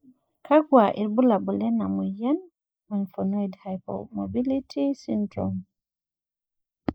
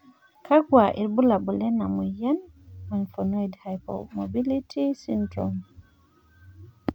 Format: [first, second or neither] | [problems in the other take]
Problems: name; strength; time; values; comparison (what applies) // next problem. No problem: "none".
second | noise reduction (neural mask model Resemble Enhance denoiser)